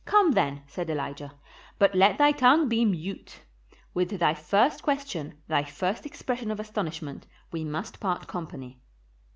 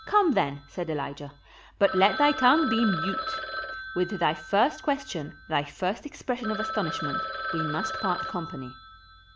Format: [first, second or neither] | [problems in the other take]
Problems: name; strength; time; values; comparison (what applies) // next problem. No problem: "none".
first | background sound (Telephone); 7 dB below the speech